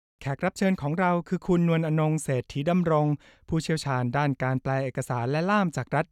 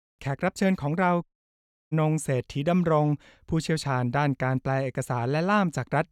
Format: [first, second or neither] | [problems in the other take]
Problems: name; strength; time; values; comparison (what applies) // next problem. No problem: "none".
first | audio cutting out; at 1 s for 0.5 s